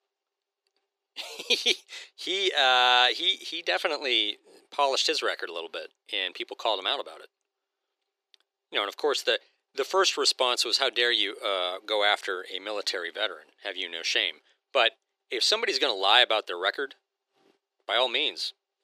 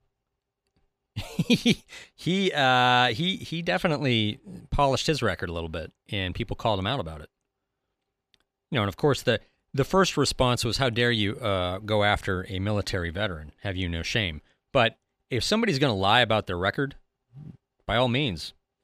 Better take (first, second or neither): second